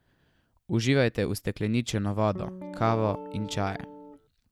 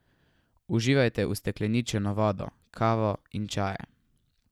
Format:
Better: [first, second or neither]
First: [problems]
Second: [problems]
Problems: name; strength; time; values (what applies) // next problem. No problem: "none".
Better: second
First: background sound (Guitar); 12 dB below the speech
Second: none